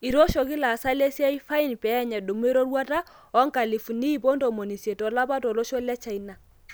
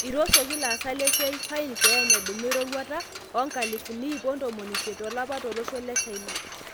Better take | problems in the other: first | background sound (Mechanisms); 2 dB above the speech

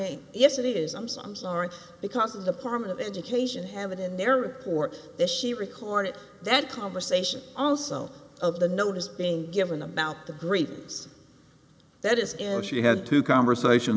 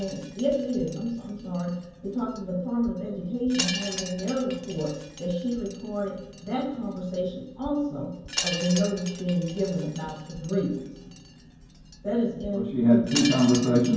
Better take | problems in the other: first | background sound (Wind chime); 11 dB below the speech // room echo; dies away in 0.9 s

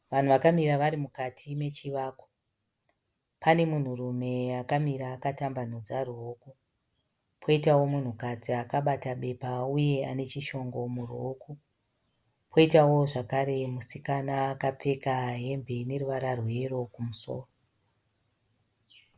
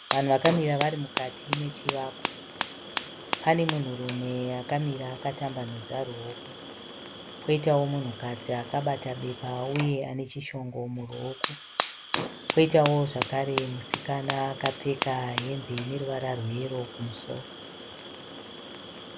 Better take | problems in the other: first | background sound (Fire); 7 dB below the speech

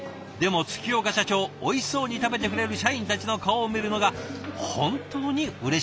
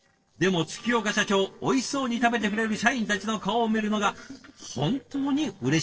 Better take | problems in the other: first | noise reduction (neural separator model SepFormer DNS4)

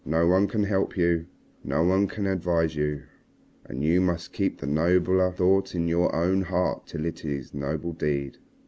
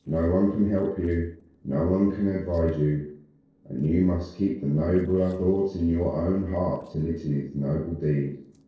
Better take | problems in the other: first | noise reduction (neural separator model SepFormer DNS4)

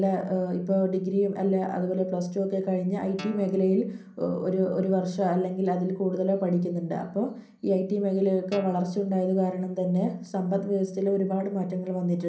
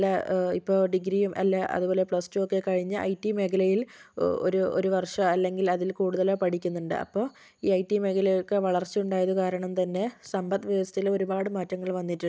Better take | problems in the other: second | background sound (Guitar); 19 dB below the speech // room echo; dies away in 0.6 s

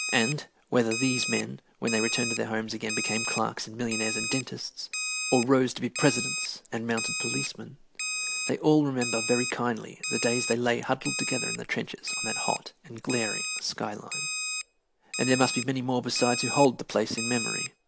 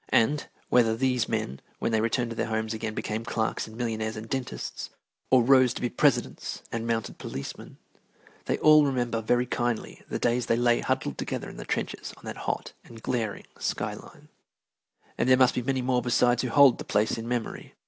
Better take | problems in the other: second | background sound (Alarm); 4 dB below the speech

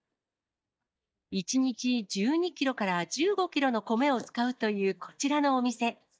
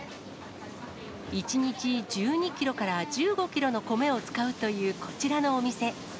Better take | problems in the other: second | noise reduction (neural mask model DeepFilterNet 3)

